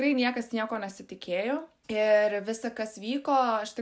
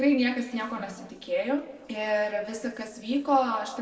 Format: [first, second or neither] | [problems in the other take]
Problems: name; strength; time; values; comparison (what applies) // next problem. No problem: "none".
first | noise reduction (neural separator model SepFormer DNS4)